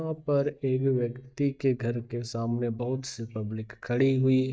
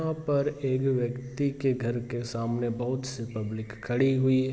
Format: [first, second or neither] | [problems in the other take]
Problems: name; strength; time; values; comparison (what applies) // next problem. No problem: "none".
second | noise reduction (neural mask model DeepFilterNet 3)